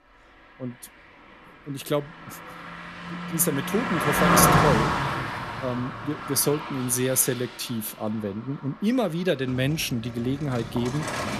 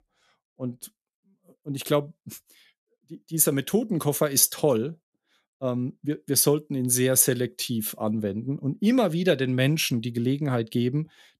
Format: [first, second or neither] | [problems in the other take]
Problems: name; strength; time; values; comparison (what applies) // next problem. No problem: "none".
second | traffic noise; very loud; throughout; as loud as the speech